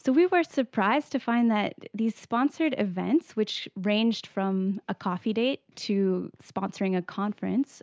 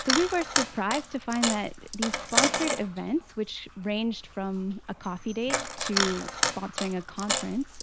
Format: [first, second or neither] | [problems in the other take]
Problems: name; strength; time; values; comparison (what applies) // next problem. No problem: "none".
first | background sound (Coin (dropping)); 1 dB below the speech